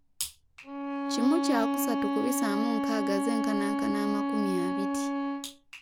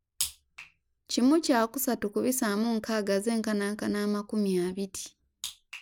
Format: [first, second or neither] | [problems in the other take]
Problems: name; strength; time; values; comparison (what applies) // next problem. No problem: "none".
second | background sound (Bowed string instrument); 2 dB above the speech